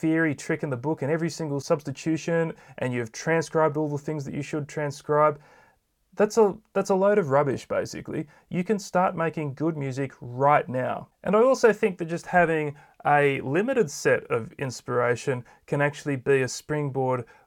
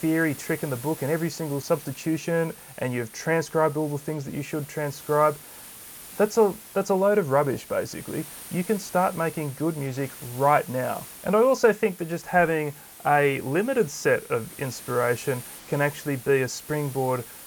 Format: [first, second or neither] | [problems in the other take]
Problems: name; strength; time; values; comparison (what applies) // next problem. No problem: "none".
first | hiss; noticeable; throughout; 15 dB below the speech